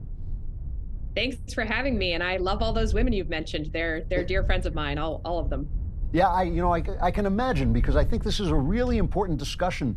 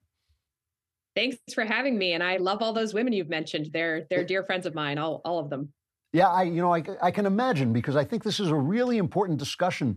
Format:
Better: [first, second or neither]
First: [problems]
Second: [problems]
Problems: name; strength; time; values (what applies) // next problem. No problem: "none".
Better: second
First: wind noise on the microphone; occasional gusts; 25 dB below the speech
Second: none